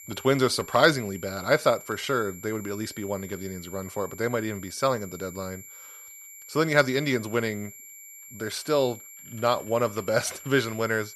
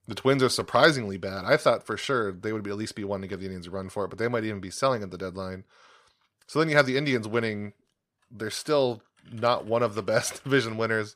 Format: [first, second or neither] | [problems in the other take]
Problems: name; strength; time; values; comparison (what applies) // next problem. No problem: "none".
second | high-pitched whine; noticeable; throughout; 7.5 kHz, 15 dB below the speech